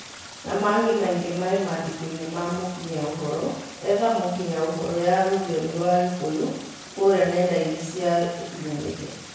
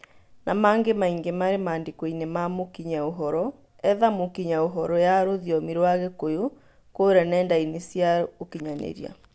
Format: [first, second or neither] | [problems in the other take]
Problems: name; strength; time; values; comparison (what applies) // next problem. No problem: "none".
second | background sound (Stream); 17 dB below the speech // room echo; dies away in 1.1 s